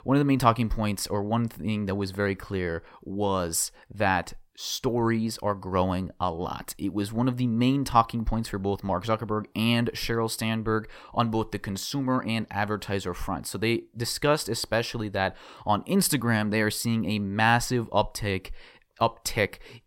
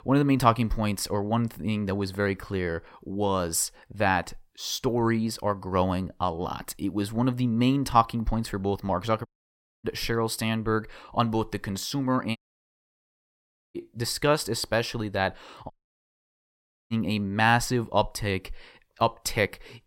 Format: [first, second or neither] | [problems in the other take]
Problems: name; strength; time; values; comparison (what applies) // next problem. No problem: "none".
first | audio cutting out; at 9.5 s for 0.5 s, at 12 s for 1.5 s and at 16 s for 1 s